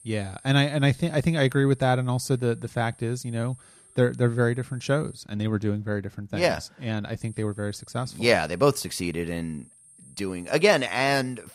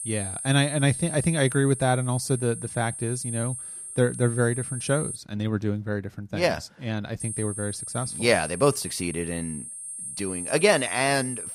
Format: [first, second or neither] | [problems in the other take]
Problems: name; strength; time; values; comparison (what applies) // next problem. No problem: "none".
first | high-pitched whine; loud; until 5 s and from 7 s on; 8.5 kHz, 7 dB below the speech; faint in the first